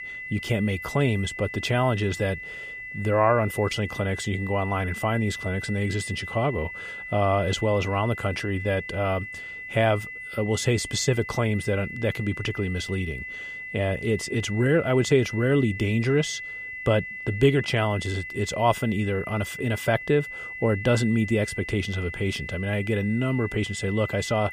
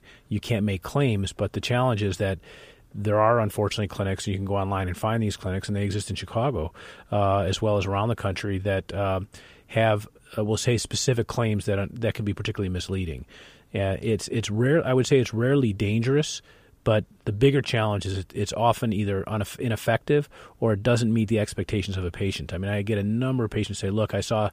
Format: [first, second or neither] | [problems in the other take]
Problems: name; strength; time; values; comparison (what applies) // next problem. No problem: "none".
second | high-pitched whine; loud; throughout; 2 kHz, 9 dB below the speech